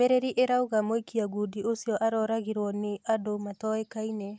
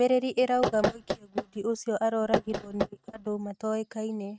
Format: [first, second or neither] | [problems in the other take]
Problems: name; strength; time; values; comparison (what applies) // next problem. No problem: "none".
first | noise reduction (neural mask model RNNoise)